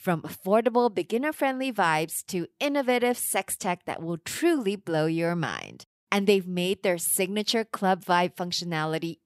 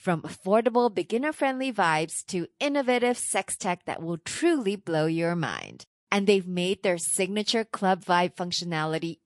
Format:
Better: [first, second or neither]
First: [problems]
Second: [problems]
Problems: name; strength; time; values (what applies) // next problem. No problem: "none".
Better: first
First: none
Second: garbled, watery; slightly; nothing above 11.5 kHz